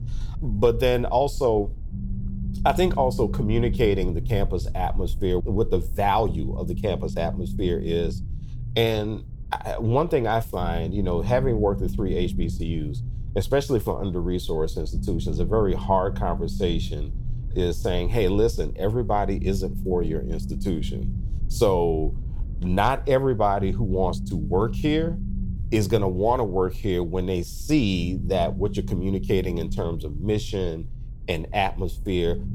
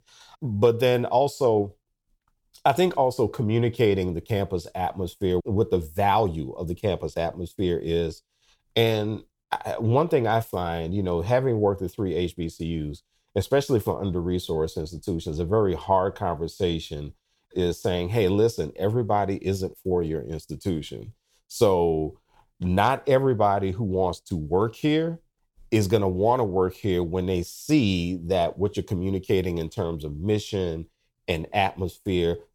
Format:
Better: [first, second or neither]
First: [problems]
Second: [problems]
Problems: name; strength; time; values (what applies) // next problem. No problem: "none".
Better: second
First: low rumble; noticeable; throughout; 20 dB below the speech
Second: none